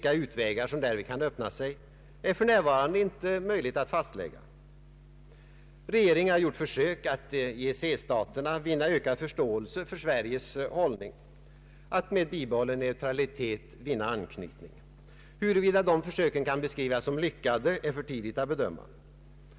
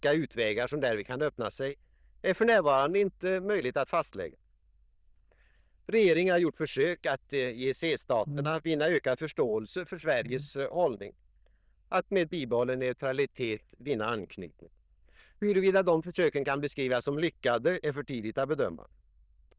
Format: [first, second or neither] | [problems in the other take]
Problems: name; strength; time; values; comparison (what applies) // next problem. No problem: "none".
first | noise reduction (neural diffusion model UNIVERSE++)